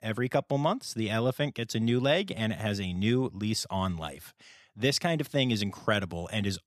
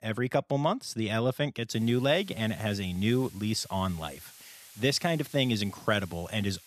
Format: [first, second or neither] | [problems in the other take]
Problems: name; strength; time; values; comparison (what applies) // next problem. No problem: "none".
first | hiss; faint; from 1.5 s on; 20 dB below the speech